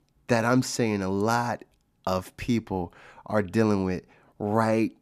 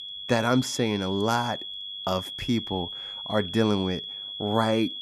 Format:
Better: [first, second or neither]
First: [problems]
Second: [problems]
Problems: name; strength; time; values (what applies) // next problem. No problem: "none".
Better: first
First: none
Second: high-pitched whine; loud; throughout; 3.5 kHz, 7 dB below the speech